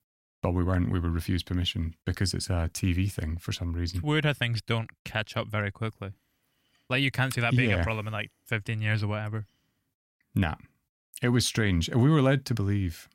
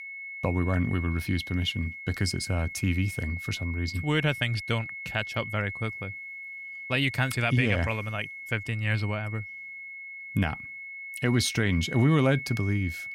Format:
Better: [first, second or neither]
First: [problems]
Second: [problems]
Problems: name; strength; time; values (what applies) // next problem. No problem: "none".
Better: first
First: none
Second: high-pitched whine; loud; throughout; 2 kHz, 9 dB below the speech